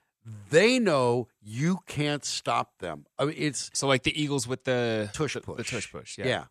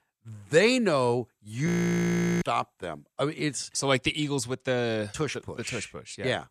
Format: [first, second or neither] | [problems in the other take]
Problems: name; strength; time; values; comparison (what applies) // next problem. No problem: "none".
first | audio freezing; at 1.5 s for 0.5 s